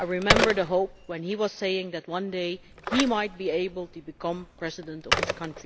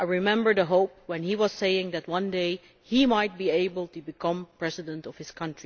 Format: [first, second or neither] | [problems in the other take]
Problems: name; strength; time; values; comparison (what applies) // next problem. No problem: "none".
second | background sound (Telephone); 2 dB below the speech